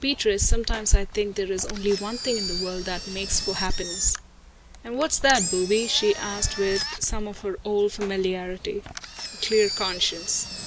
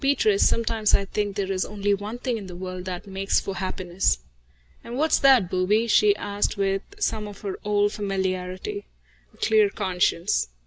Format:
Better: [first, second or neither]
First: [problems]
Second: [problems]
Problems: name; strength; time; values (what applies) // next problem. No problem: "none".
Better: second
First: background sound (Engine); 9 dB below the speech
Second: none